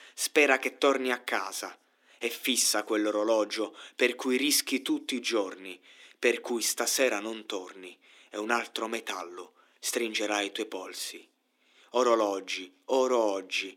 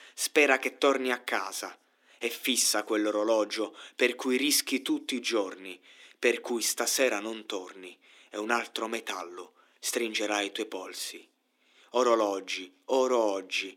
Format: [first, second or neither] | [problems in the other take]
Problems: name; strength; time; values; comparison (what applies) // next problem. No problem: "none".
neither | thin; somewhat; fading below 300 Hz; the same in both